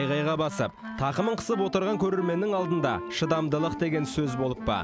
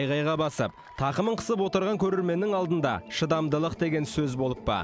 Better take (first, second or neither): second